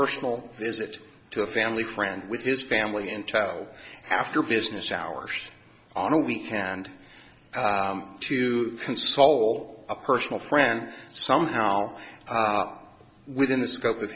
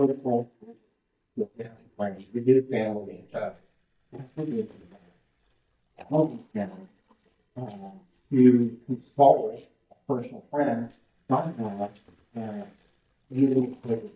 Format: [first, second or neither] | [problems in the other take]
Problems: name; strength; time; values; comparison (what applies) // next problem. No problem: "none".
first | noise reduction (neural mask model DeepFilterNet 3)